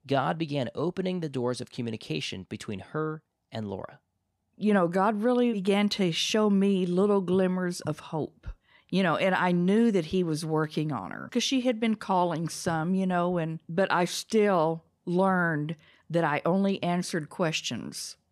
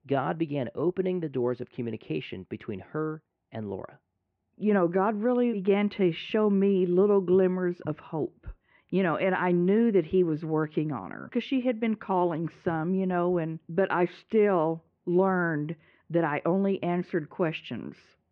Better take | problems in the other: first | muffled; very; fading above 2.5 kHz

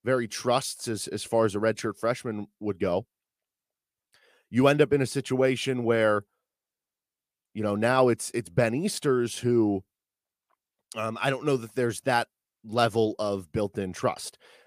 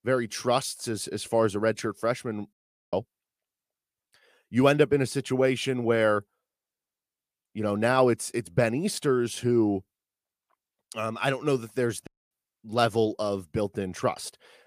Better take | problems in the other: first | audio cutting out; at 2.5 s and at 12 s

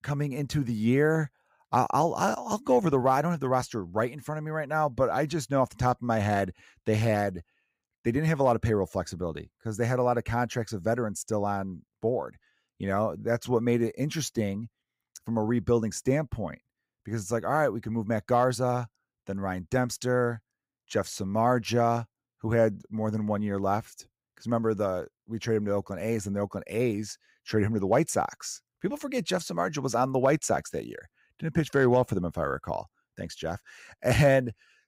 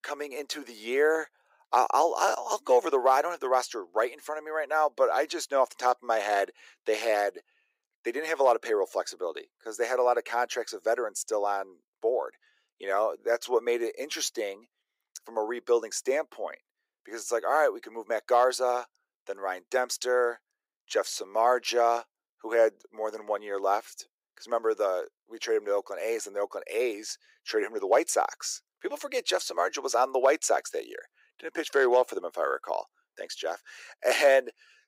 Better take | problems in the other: first | thin; very; fading below 350 Hz

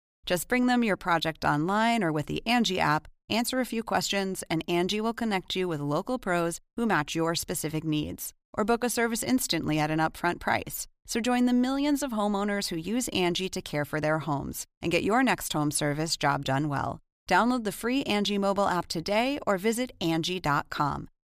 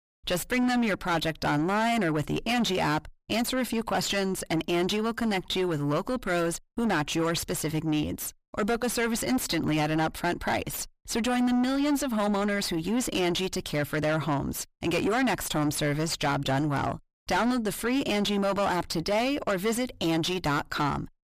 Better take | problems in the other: first | distortion; heavy; 6 dB below the speech

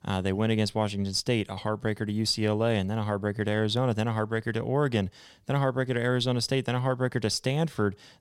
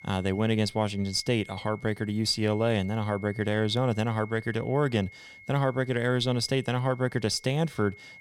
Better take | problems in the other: first | high-pitched whine; faint; throughout; 2 kHz, 20 dB below the speech

